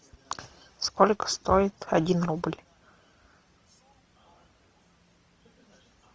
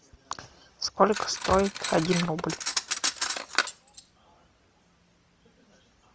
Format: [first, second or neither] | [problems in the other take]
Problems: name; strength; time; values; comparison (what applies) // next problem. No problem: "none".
first | background sound (Cutlery, silverware); 3 dB below the speech